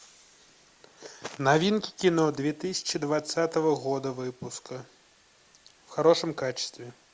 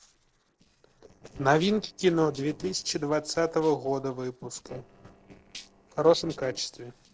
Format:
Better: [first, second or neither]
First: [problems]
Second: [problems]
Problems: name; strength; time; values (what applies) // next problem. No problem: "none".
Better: first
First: none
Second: noise reduction (neural separator model SepFormer DNS4)